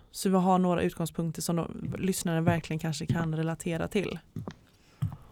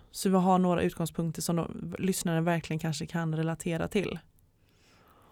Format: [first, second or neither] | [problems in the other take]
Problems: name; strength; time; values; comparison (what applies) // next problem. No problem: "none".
second | footsteps; noticeable; from 2 s on; peak 5 dB below the speech